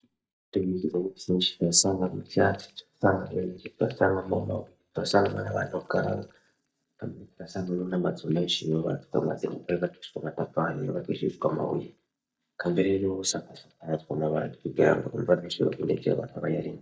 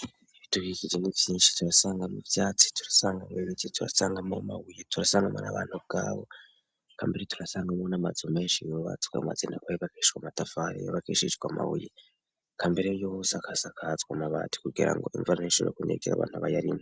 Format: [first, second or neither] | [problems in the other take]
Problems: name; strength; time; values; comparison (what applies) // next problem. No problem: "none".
second | noise reduction (neural mask model DeepFilterNet 3)